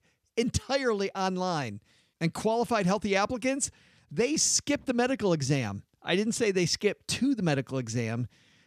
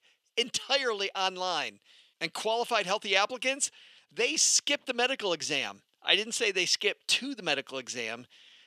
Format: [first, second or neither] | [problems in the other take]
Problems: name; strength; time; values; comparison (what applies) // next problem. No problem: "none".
first | thin; somewhat; fading below 500 Hz